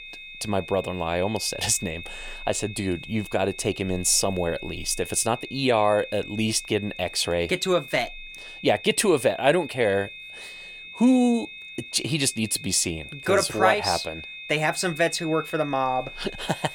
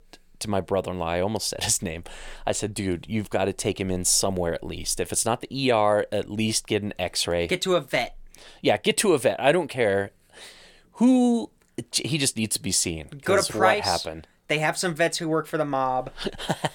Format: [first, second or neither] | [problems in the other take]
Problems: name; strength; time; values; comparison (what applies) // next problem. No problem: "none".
second | high-pitched whine; noticeable; throughout; 2.5 kHz, 15 dB below the speech